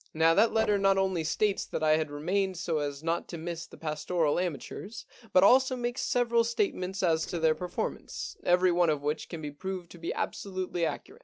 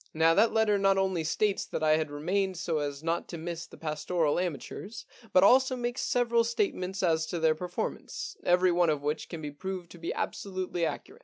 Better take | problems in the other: second | noise reduction (neural separator model SepFormer DNS4)

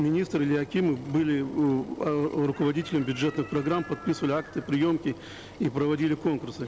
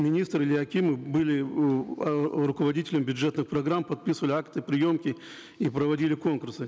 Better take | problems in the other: second | background sound (Engine + Chicken, rooster); 18 dB below the speech

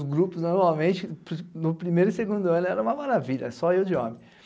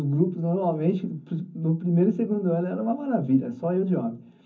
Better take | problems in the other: first | room echo; dies away in 0.3 s

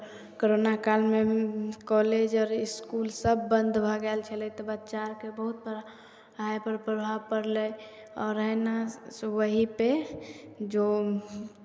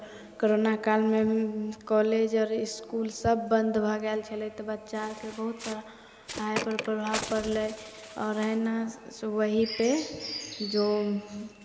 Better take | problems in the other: first | background sound (Bird); 14 dB below the speech

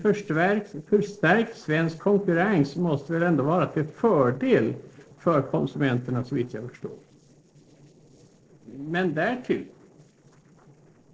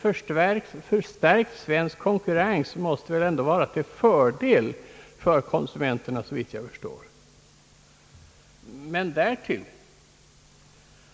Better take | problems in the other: second | noise reduction (neural separator model SepFormer DNS4)

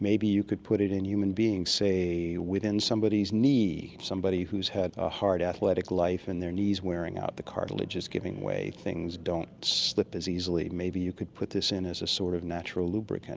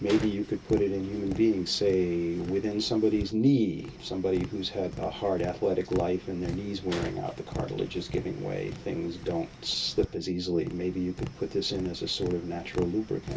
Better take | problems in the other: first | background sound (Tap); 12 dB below the speech // room echo; dies away in 0.1 s

